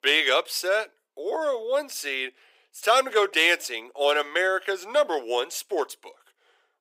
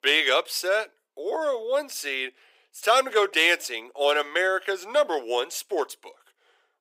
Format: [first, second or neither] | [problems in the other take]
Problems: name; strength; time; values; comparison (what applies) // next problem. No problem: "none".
neither | thin; very; fading below 400 Hz; the same in both